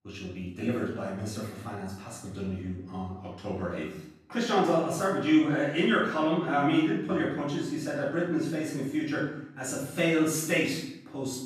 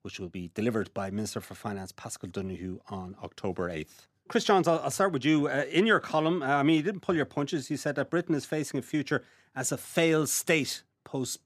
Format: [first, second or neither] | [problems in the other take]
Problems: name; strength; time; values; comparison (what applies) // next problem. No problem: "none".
second | off-mic speech; far // room echo; noticeable; dies away in 0.7 s